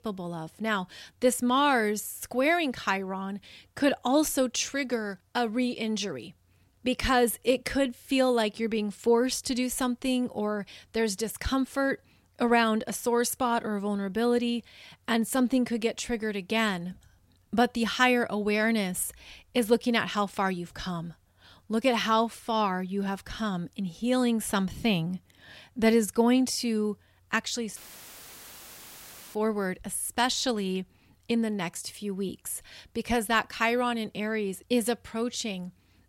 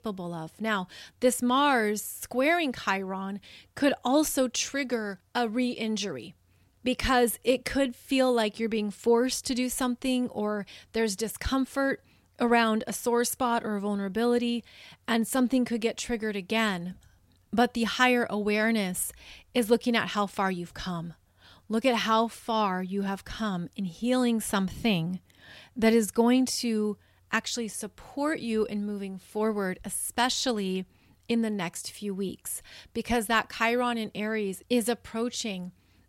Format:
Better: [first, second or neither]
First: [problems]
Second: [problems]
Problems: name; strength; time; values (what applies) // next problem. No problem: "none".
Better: second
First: audio cutting out; filled with static; at 28 s for 1.5 s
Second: none